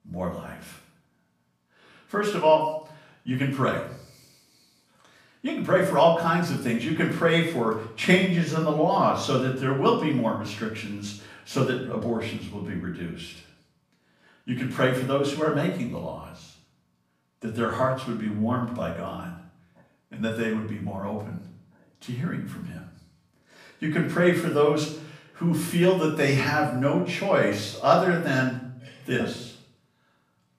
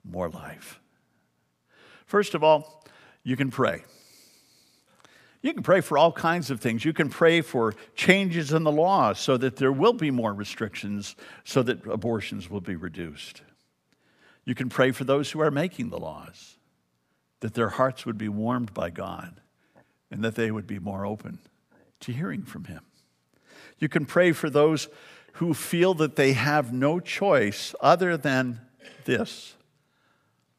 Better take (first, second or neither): second